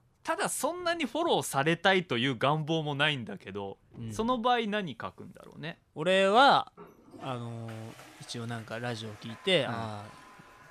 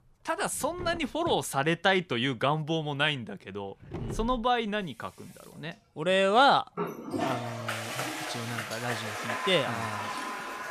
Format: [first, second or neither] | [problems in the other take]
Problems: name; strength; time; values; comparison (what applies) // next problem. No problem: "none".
first | household noises; loud; throughout; 7 dB below the speech; faint in the first